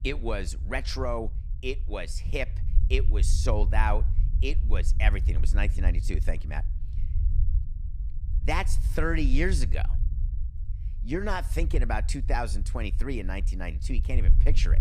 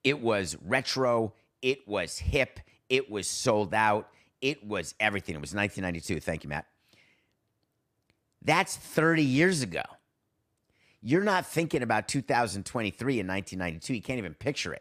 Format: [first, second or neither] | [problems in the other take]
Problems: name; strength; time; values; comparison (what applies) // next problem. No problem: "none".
second | low rumble; noticeable; throughout; 15 dB below the speech